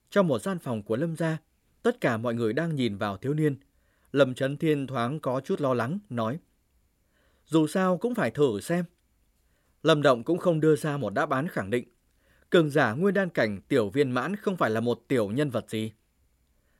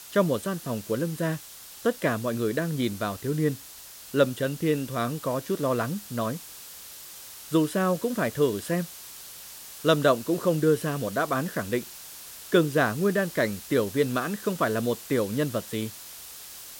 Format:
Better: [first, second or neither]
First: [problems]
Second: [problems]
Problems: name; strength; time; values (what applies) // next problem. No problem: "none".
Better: first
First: none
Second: hiss; noticeable; throughout; 15 dB below the speech